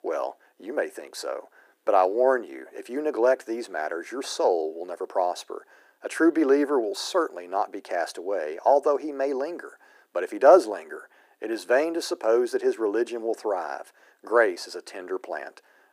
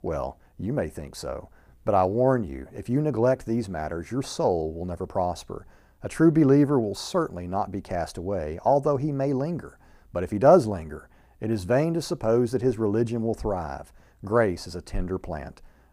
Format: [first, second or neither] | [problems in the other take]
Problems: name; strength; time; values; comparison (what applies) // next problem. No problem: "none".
second | thin; somewhat; fading below 350 Hz